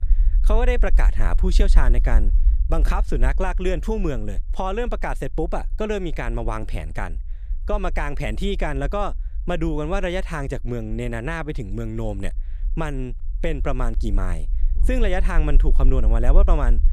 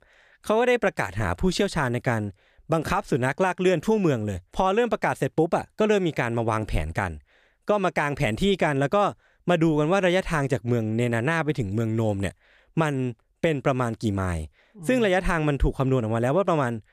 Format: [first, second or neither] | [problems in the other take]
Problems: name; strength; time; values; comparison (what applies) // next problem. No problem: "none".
second | low rumble; faint; throughout; 20 dB below the speech